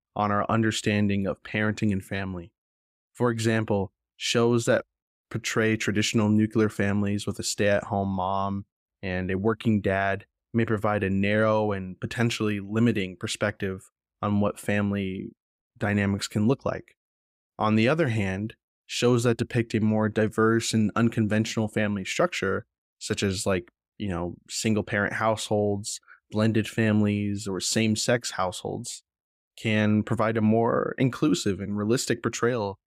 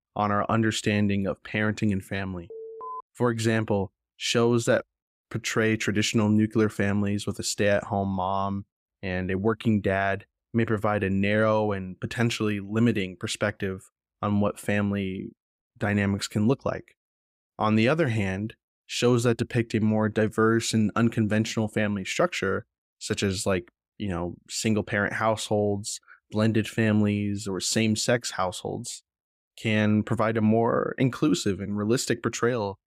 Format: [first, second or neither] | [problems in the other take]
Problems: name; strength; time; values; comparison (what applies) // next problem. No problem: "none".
first | alarm; faint; at 2.5 s; peak 10 dB below the speech